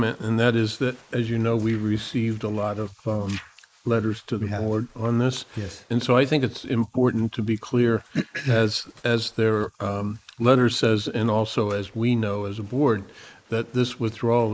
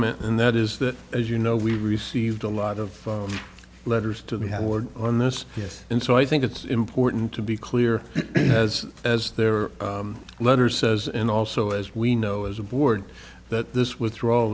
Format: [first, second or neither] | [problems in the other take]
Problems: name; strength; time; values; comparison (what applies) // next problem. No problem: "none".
second | noise reduction (neural mask model Resemble Enhance denoiser)